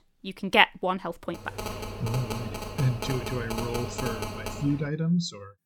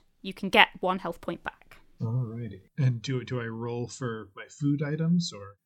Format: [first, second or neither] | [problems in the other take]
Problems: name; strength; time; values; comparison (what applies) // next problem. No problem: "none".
second | phone ringing; noticeable; from 1.5 to 5 s; peak 5 dB below the speech